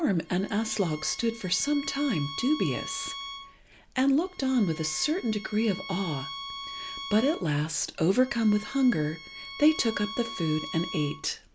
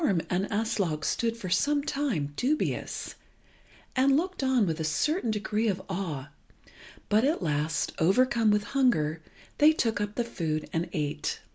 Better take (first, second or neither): second